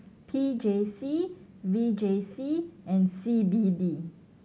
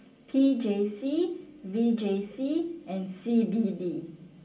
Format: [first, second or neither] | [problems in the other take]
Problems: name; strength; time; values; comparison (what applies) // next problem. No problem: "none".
first | room echo; dies away in 0.3 s